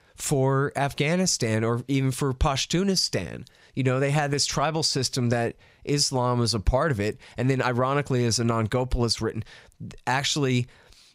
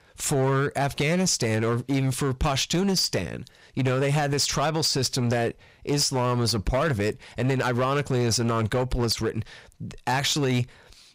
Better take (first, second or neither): first